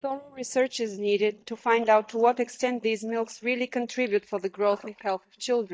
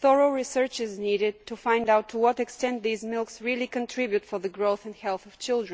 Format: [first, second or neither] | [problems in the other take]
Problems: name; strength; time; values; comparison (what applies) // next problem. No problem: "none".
second | noise reduction (neural mask model DeepFilterNet 3)